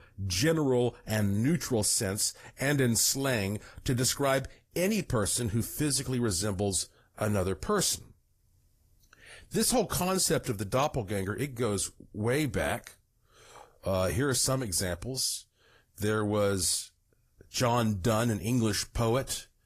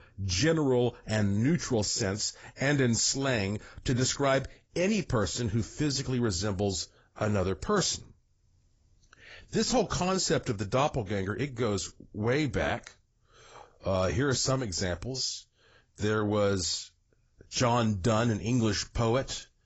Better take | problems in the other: first | garbled, watery; badly; nothing above 7.5 kHz; slightly in the first

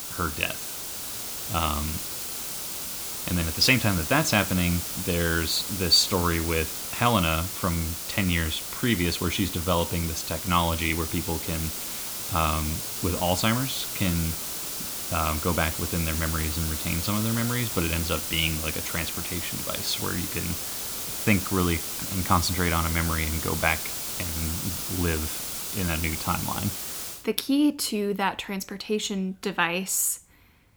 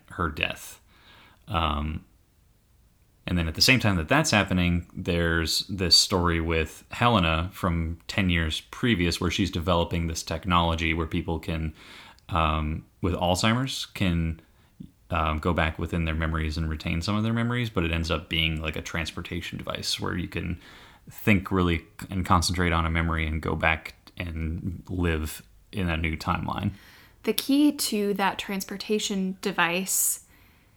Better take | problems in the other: second | hiss; loud; until 27 s; 3 dB below the speech

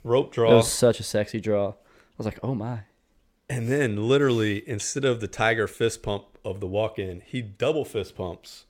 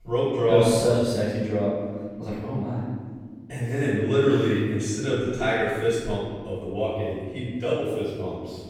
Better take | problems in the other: first | off-mic speech; far // room echo; strong; dies away in 1.9 s

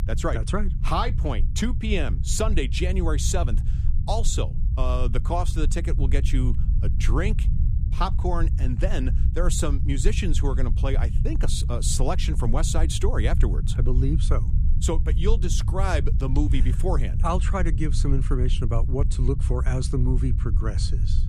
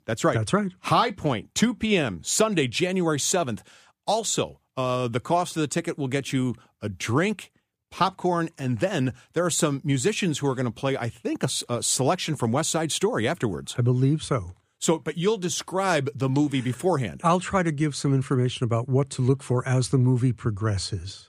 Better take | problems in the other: second | low rumble; noticeable; throughout; 10 dB below the speech

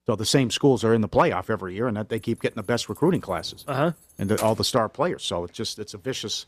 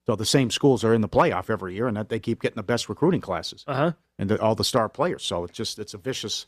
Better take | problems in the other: second | jangling keys; faint; from 2 to 4.5 s; peak 10 dB below the speech

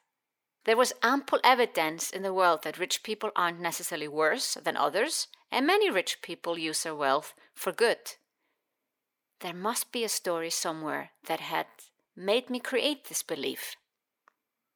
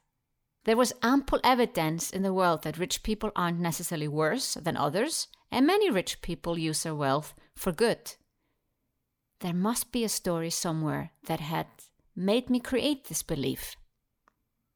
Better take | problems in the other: second | thin; somewhat; fading below 450 Hz

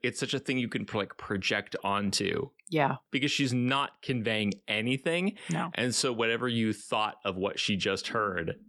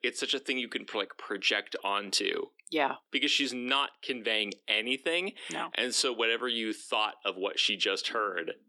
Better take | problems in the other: first | thin; somewhat; fading below 300 Hz

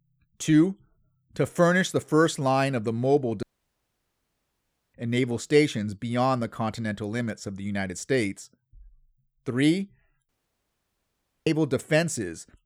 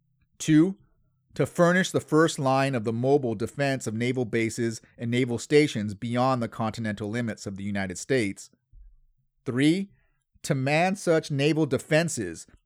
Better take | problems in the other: second | audio cutting out; at 3.5 s for 1.5 s and at 10 s for 1 s

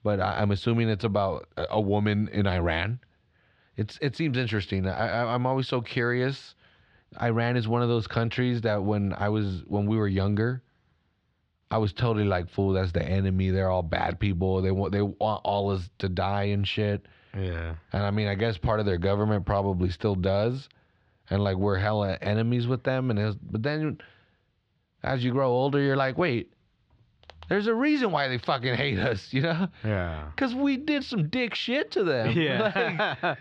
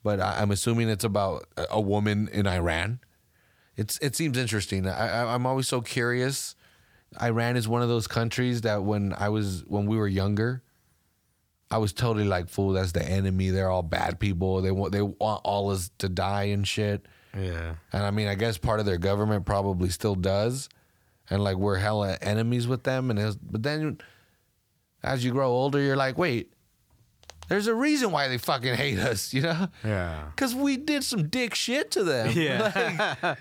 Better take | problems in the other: second | muffled; slightly; fading above 3.5 kHz

